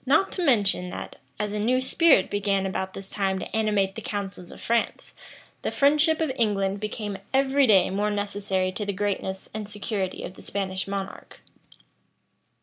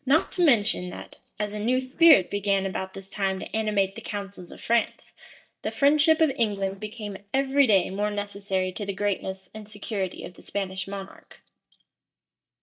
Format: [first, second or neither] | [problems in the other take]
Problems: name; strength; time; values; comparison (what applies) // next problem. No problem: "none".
first | noise reduction (neural mask model DeepFilterNet 3)